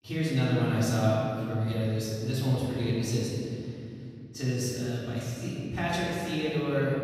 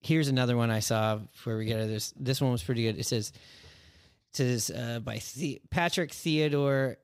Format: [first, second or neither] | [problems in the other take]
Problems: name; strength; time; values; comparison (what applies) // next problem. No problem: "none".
second | off-mic speech; far // room echo; strong; dies away in 3 s